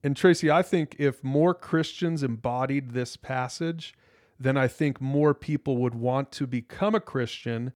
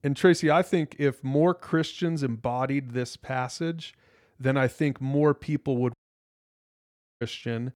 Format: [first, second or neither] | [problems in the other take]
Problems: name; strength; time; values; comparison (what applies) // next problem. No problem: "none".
first | audio cutting out; at 6 s for 1.5 s